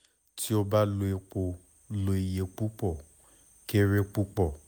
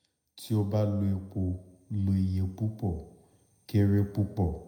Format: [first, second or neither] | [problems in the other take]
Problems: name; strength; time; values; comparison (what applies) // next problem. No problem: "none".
first | room echo; dies away in 0.7 s